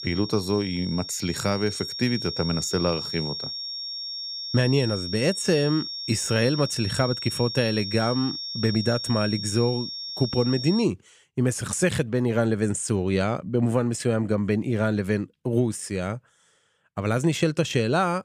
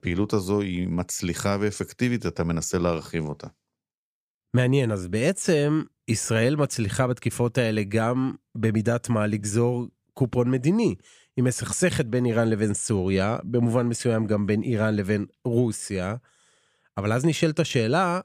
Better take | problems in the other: second | high-pitched whine; loud; until 11 s; 5.5 kHz, 6 dB below the speech

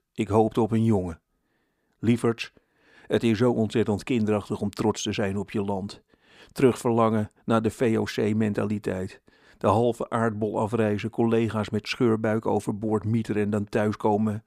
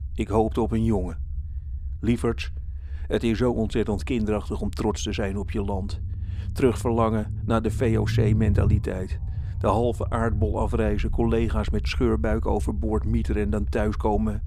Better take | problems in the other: first | low rumble; noticeable; throughout; 20 dB below the speech

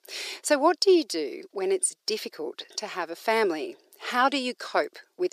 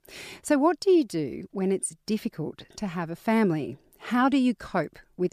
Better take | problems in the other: second | thin; somewhat; fading below 400 Hz

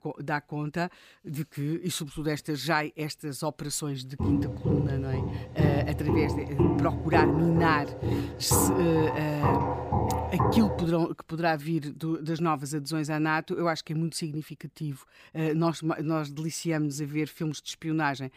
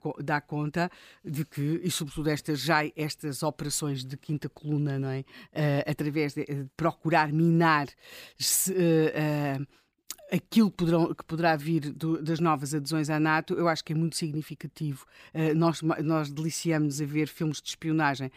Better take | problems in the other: second | footsteps; loud; from 4 to 11 s; peak 4 dB above the speech

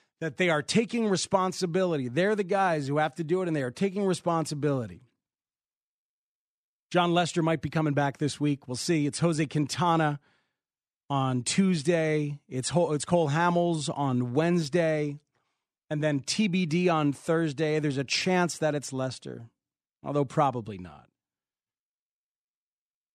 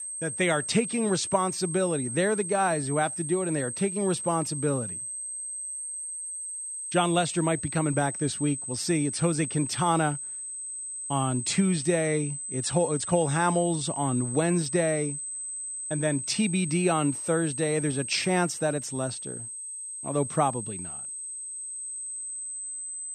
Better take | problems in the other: first | high-pitched whine; loud; throughout; 8 kHz, 6 dB below the speech

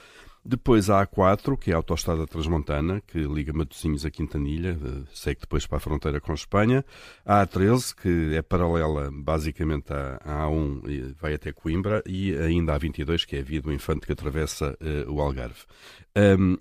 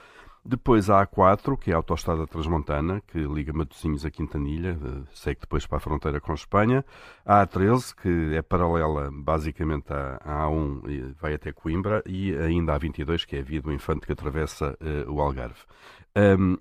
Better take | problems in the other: first | muffled; slightly; fading above 3 kHz

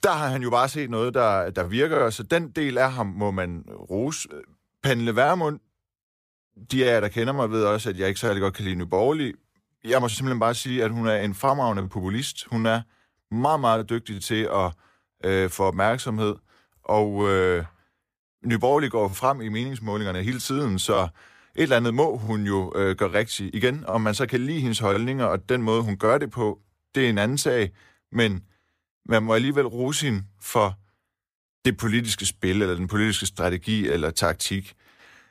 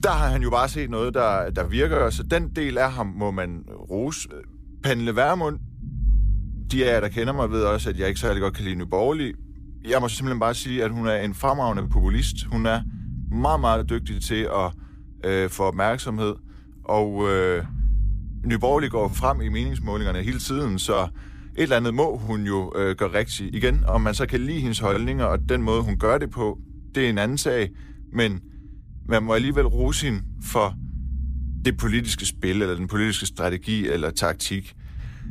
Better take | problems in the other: first | low rumble; faint; throughout; 25 dB below the speech

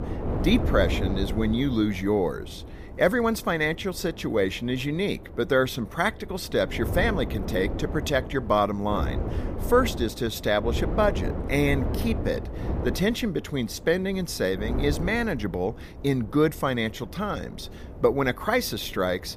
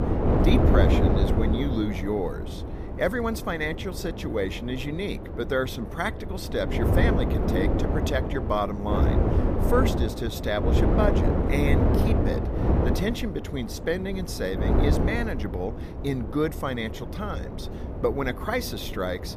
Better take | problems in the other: first | wind noise on the microphone; heavy; 2 dB below the speech; occasional gusts in the first

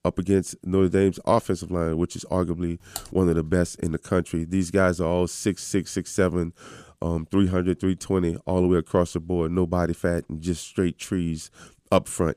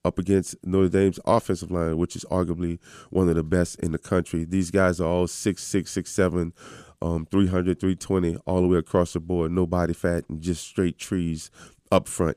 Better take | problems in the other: second | keyboard typing; faint; at 3 s; peak 10 dB below the speech

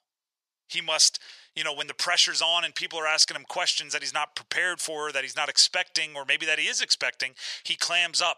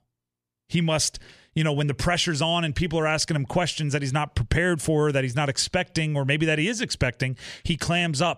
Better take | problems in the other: second | thin; very; fading below 900 Hz

